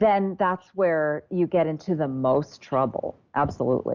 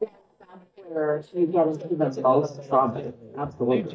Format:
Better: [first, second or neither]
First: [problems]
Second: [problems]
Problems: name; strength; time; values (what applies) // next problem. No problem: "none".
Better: first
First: none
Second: noise reduction (neural mask model DeepFilterNet 3)